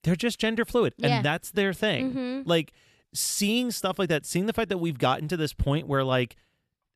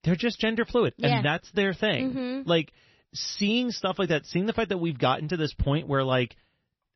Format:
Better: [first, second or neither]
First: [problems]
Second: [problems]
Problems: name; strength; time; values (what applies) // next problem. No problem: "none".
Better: first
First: none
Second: garbled, watery; slightly; nothing above 6 kHz